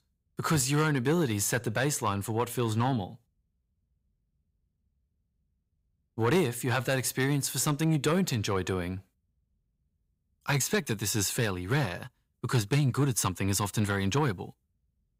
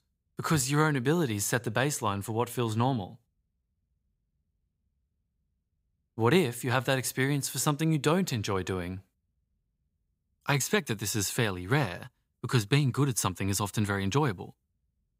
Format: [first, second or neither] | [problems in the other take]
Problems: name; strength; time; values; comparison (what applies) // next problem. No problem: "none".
second | distortion; slight; 10 dB below the speech